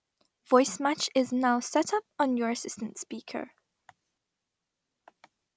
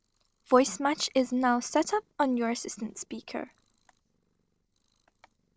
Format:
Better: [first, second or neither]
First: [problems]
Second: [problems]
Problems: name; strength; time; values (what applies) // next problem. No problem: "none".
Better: first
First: none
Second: noise reduction (neural separator model SepFormer DNS4)